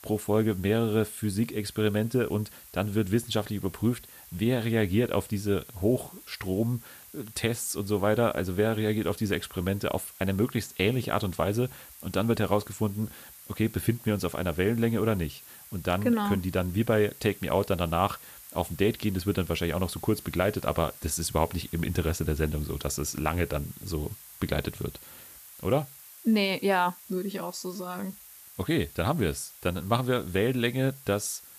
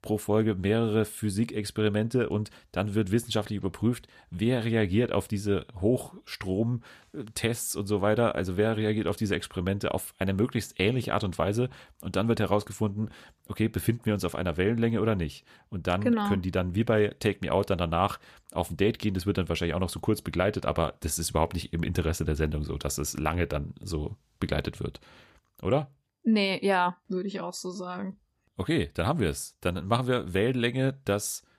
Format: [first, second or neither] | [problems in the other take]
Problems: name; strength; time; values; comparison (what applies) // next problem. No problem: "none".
second | hiss; noticeable; throughout; 15 dB below the speech